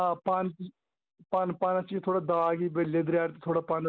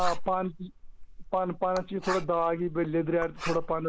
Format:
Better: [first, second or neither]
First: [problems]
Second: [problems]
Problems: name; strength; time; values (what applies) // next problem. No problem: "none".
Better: first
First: none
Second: noise reduction (neural mask model Resemble Enhance denoiser)